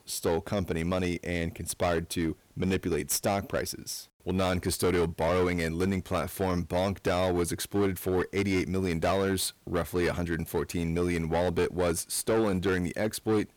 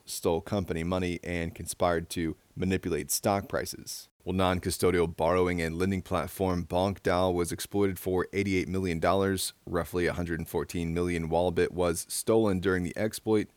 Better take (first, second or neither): second